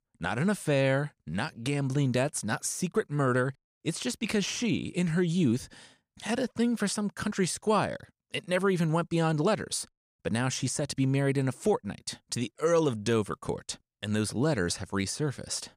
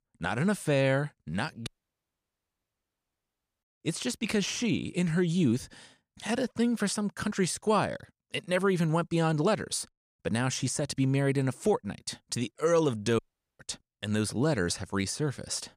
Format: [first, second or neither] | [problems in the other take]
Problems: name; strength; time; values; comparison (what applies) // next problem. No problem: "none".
first | audio cutting out; at 1.5 s for 2 s and at 13 s